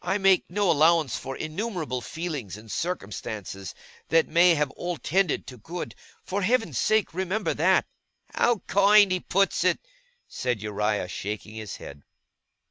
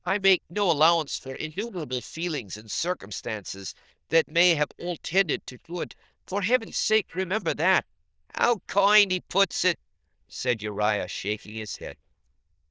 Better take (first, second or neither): first